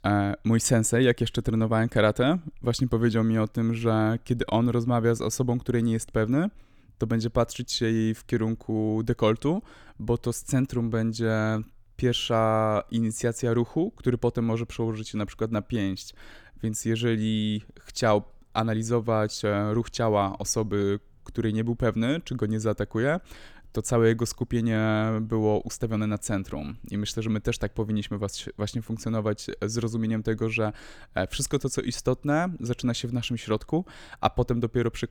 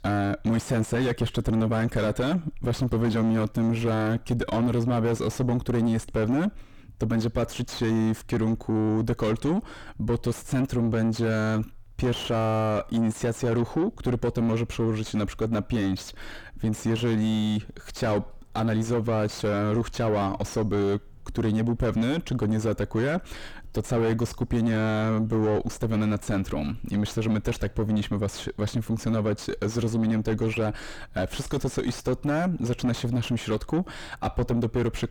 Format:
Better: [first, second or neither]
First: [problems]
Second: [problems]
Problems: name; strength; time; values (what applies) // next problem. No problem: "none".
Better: first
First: none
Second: distortion; heavy; 6 dB below the speech